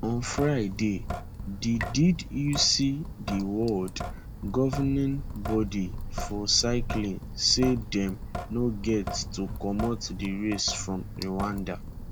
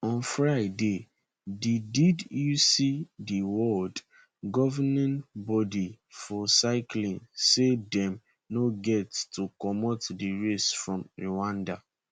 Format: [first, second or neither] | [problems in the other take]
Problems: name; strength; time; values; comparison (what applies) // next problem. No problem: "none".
second | background sound (Drip / Sink (filling or washing)); 7 dB below the speech